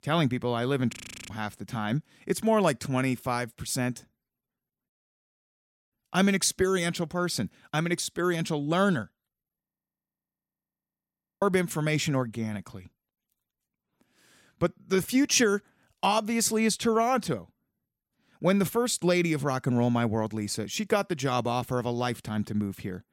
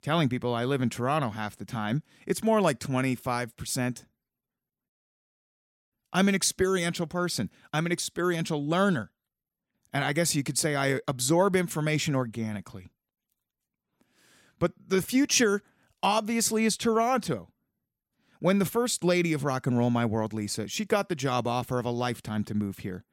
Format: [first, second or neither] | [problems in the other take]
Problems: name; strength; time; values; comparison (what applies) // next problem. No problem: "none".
second | audio freezing; at 1 s and at 9.5 s for 2 s